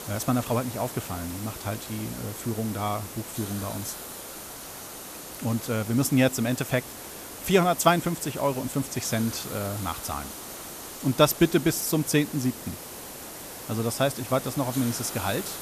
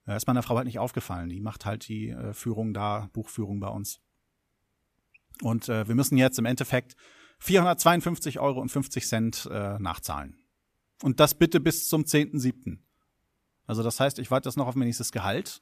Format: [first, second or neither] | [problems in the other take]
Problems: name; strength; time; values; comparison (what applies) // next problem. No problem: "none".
second | hiss; noticeable; throughout; 10 dB below the speech